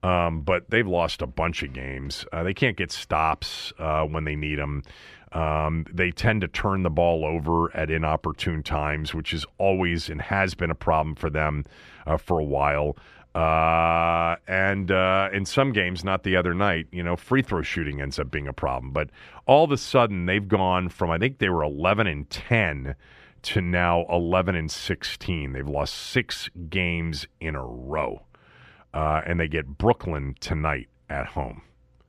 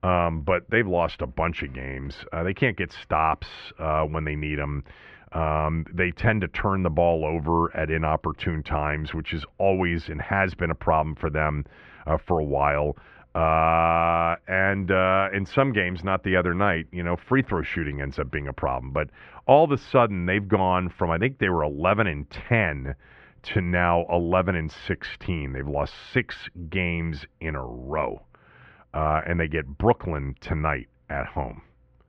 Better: first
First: none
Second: muffled; slightly; fading above 2 kHz

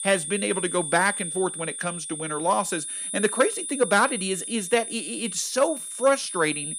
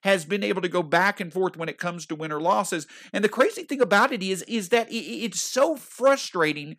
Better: second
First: high-pitched whine; loud; throughout; 9.5 kHz, 5 dB below the speech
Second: none

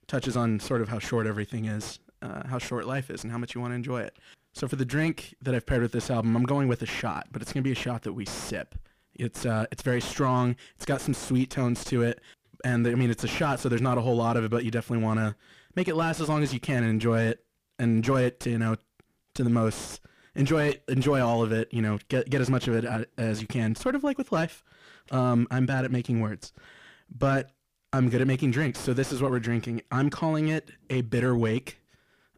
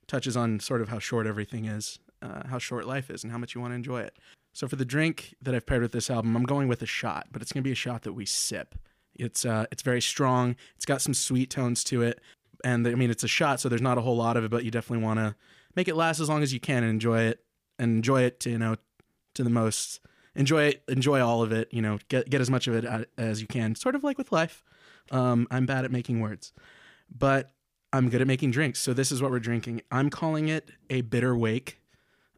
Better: second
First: distortion; slight; 10 dB below the speech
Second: none

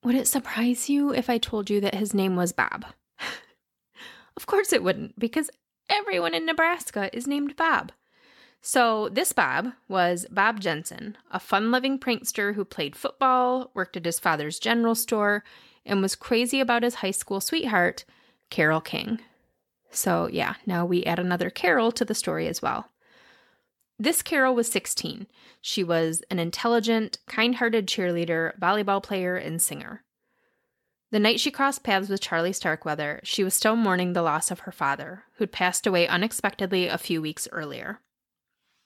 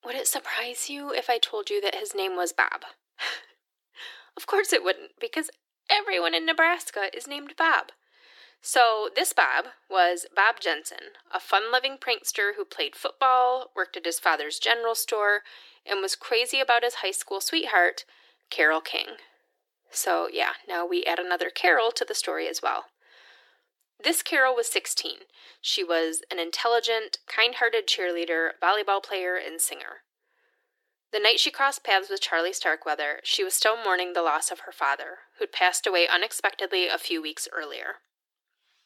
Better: first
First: none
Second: thin; very; fading below 300 Hz

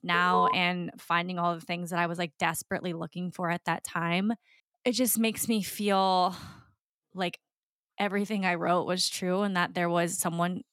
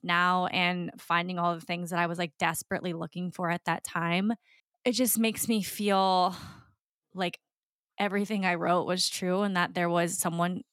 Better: second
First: alarm; loud; at the start; peak 1 dB above the speech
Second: none

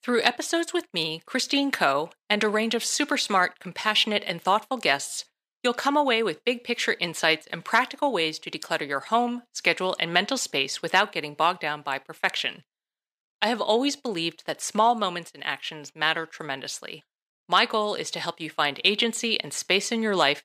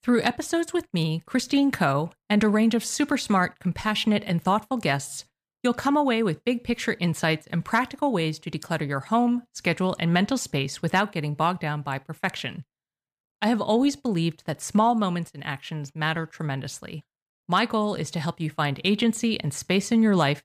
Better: second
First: thin; somewhat; fading below 400 Hz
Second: none

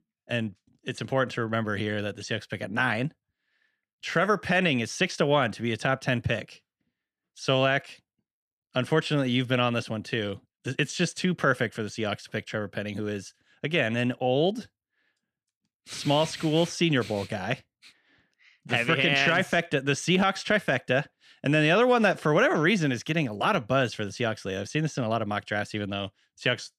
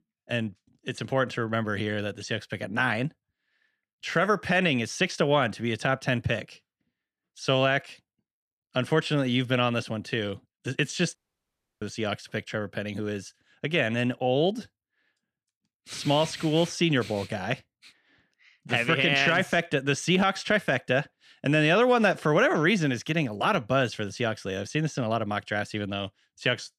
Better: first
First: none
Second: audio cutting out; at 11 s for 0.5 s

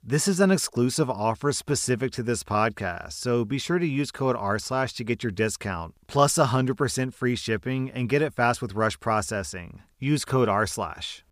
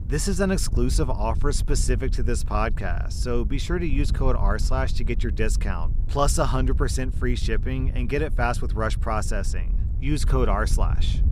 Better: first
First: none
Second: wind noise on the microphone; occasional gusts; 15 dB below the speech

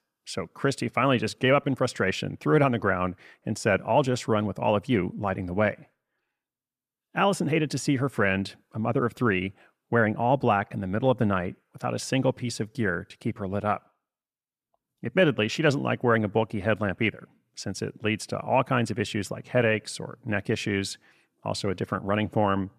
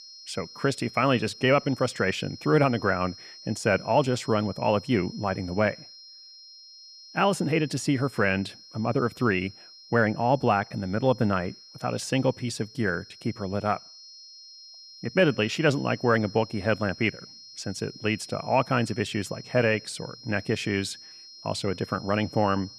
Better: first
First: none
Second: high-pitched whine; noticeable; throughout; 5 kHz, 20 dB below the speech

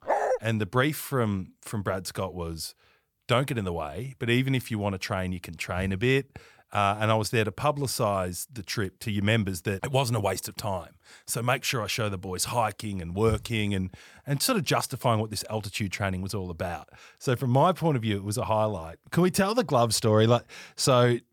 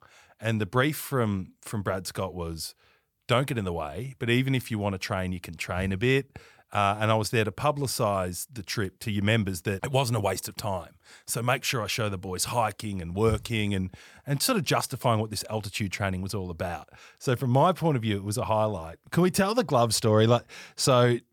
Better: second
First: dog barking; loud; at the start; peak 1 dB above the speech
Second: none

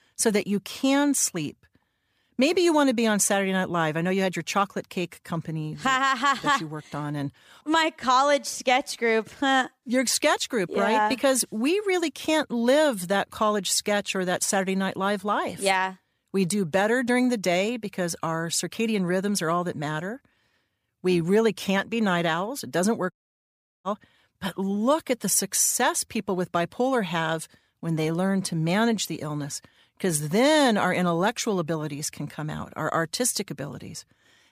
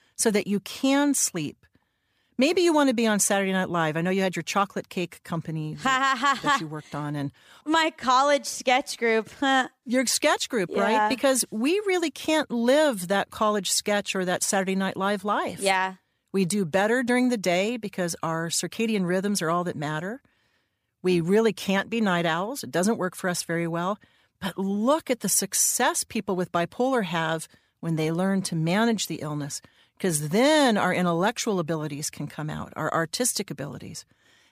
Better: second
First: audio cutting out; at 23 s for 0.5 s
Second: none

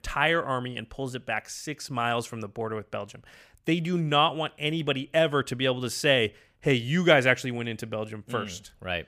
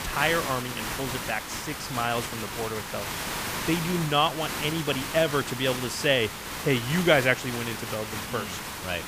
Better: first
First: none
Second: hiss; loud; throughout; 5 dB below the speech

